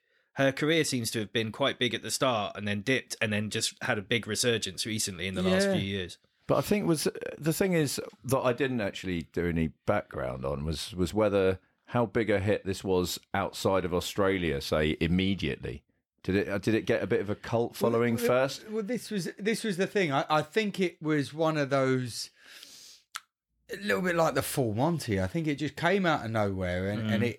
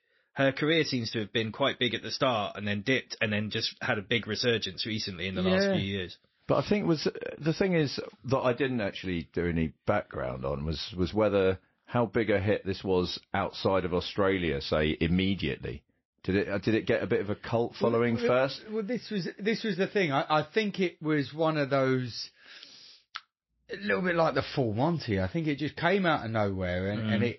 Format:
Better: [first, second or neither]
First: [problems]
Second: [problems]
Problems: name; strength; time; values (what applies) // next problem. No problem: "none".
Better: first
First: none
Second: garbled, watery; slightly; nothing above 5.5 kHz